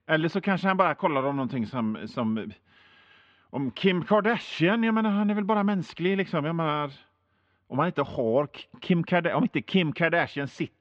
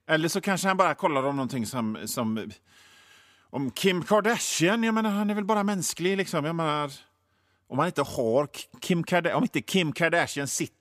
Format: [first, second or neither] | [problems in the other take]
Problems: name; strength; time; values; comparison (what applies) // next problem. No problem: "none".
second | muffled; very; fading above 3.5 kHz